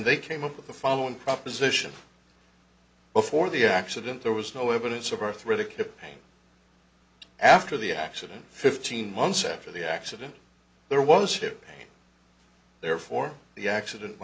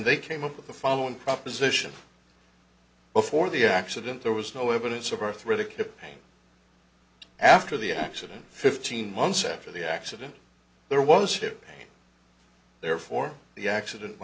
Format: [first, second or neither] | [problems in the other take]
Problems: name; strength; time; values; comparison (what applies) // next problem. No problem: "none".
first | background sound (Whoosh, swoosh, swish); 17 dB below the speech